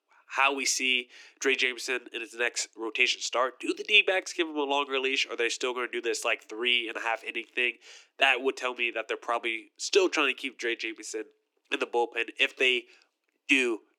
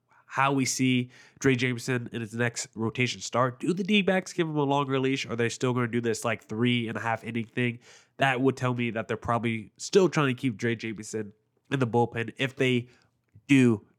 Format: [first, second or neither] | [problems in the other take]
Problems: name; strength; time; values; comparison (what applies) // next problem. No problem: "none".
second | thin; somewhat; fading below 300 Hz